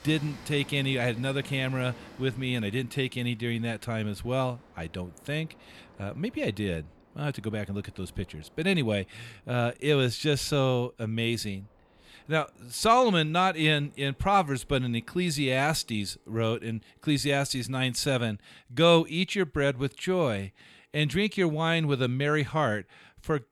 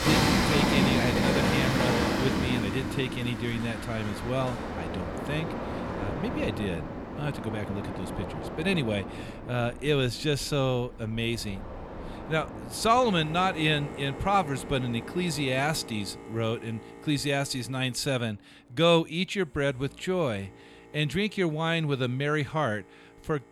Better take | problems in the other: first | train or aircraft noise; loud; throughout; 2 dB below the speech; faint in the first

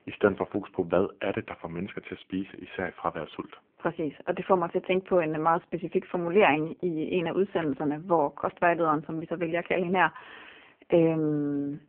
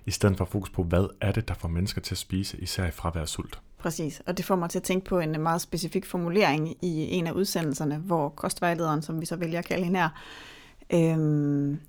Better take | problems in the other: second | phone-call audio; poor line

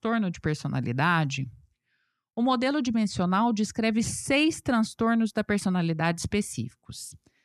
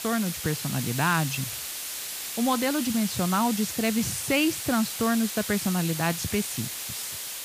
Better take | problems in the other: first | hiss; loud; throughout; 5 dB below the speech

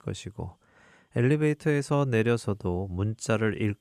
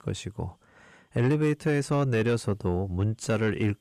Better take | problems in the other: first | distortion; slight; 10 dB below the speech

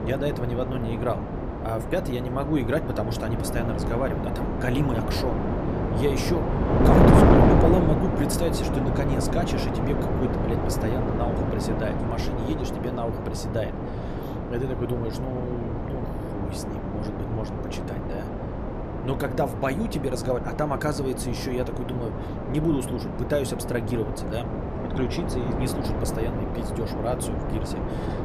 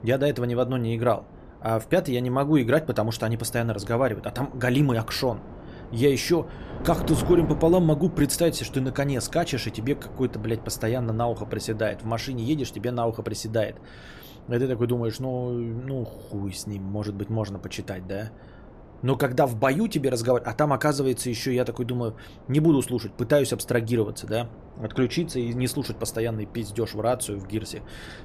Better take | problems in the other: second | wind noise on the microphone; heavy; 1 dB above the speech; occasional gusts in the second

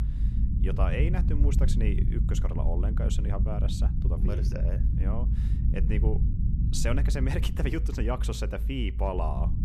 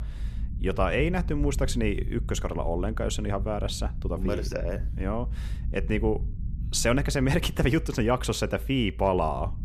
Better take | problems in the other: second | low rumble; loud; throughout; 7 dB below the speech; faint in the second

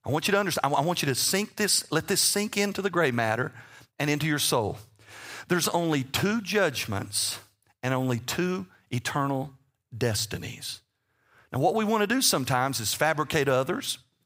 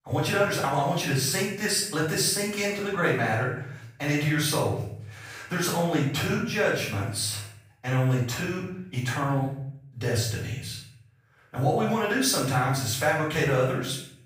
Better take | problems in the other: first | off-mic speech; far // room echo; noticeable; dies away in 0.7 s

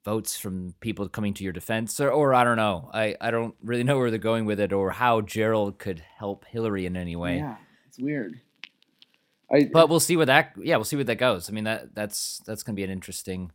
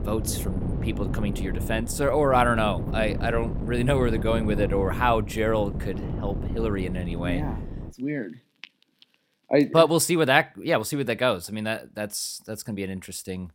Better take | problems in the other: first | wind noise on the microphone; occasional gusts; until 8 s; 15 dB below the speech

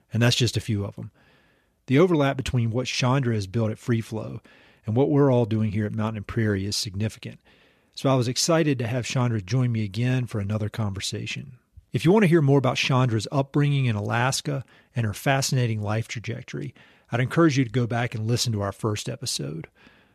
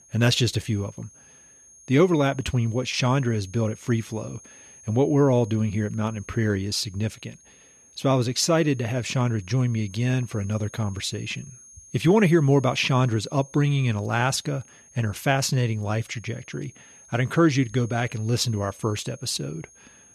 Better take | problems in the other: first | high-pitched whine; faint; throughout; 6.5 kHz, 25 dB below the speech

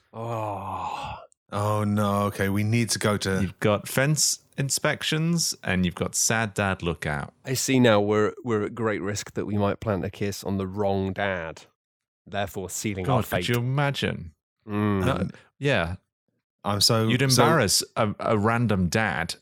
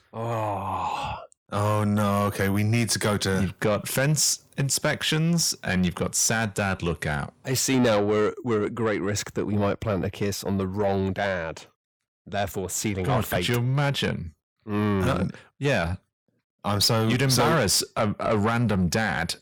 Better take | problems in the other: first | distortion; slight; 10 dB below the speech

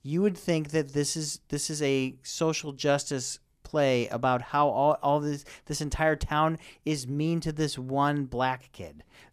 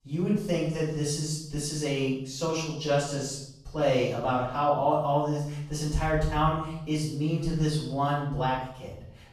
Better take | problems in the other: first | off-mic speech; far // room echo; noticeable; dies away in 0.7 s

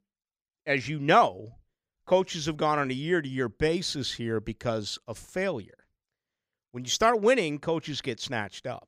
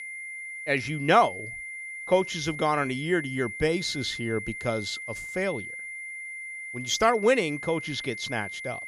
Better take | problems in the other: first | high-pitched whine; loud; throughout; 2 kHz, 9 dB below the speech

